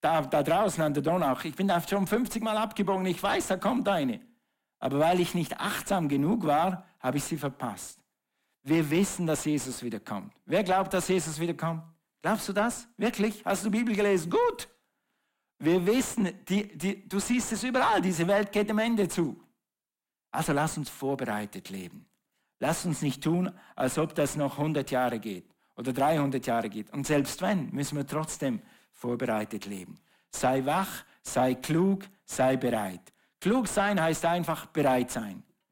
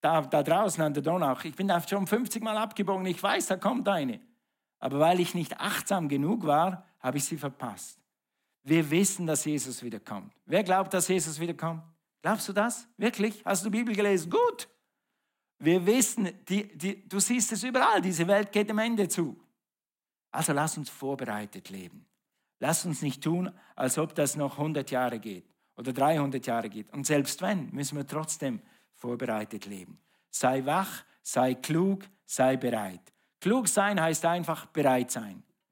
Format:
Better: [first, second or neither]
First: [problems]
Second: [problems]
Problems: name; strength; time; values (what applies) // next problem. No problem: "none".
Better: second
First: distortion; slight; 10 dB below the speech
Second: none